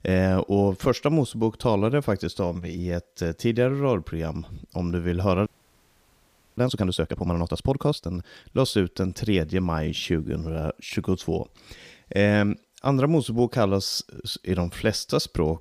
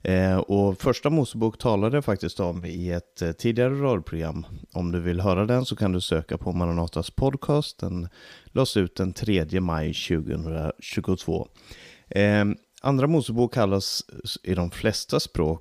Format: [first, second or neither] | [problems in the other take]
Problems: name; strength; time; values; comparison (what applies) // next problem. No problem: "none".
second | audio freezing; at 5.5 s for 1 s